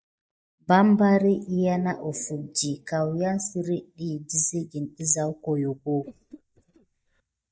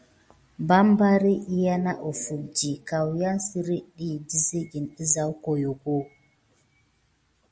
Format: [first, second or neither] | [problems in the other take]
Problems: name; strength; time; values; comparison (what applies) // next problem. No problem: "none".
second | noise reduction (neural mask model DeepFilterNet 3)